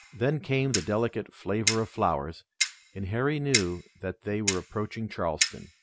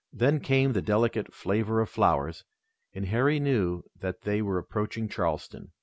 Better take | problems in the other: second | background sound (Clock); 4 dB below the speech

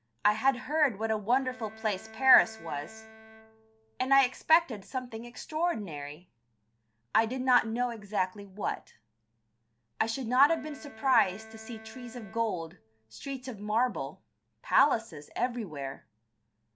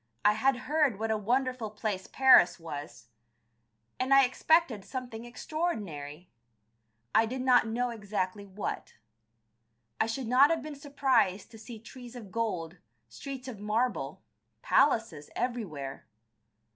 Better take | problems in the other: second | background sound (Bowed string instrument); 20 dB below the speech

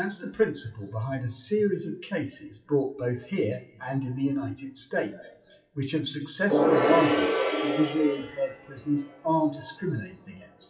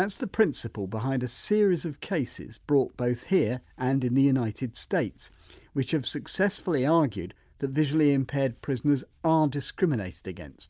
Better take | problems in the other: second | noise reduction (classical method WPE with log-MMSE)

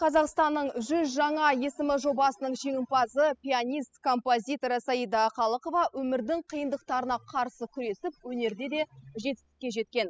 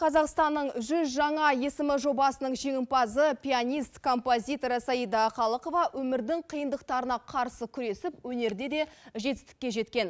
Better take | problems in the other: second | noise reduction (classical method spectral subtraction)

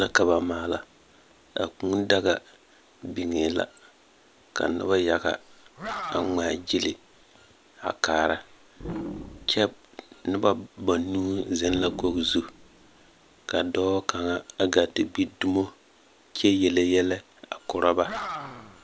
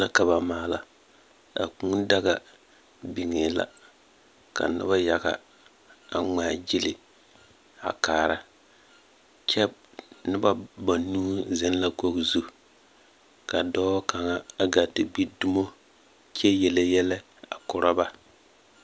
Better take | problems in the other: second | background sound (Animal); 16 dB below the speech

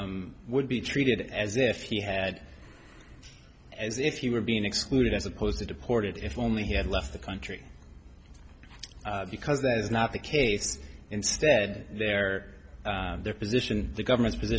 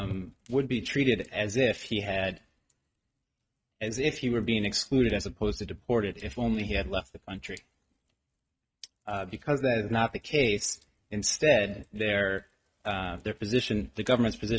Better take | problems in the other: first | noise reduction (neural mask model RNNoise)

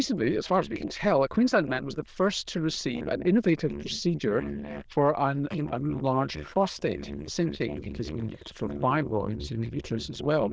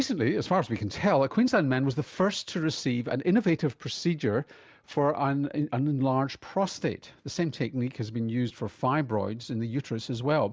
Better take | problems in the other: second | noise reduction (neural diffusion model UNIVERSE++)

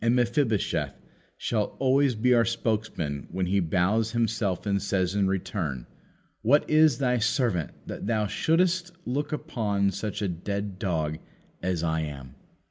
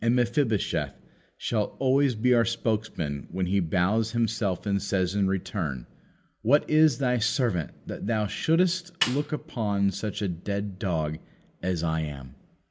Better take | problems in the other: first | background sound (Snare drum); 8 dB below the speech

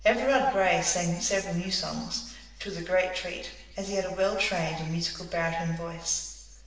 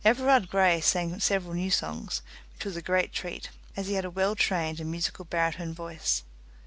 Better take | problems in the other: second | room echo; dies away in 1 s

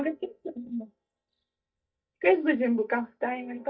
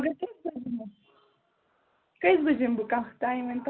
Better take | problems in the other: second | noise reduction (neural mask model DeepFilterNet 3)

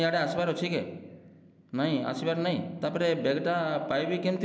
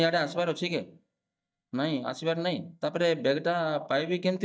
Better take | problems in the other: first | noise reduction (neural mask model DeepFilterNet 3)

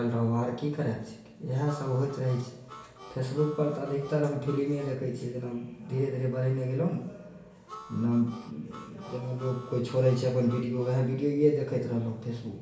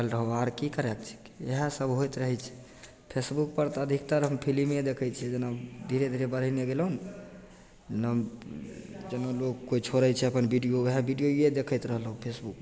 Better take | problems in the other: second | background sound (Harmonica); 19 dB below the speech // room echo; dies away in 0.6 s

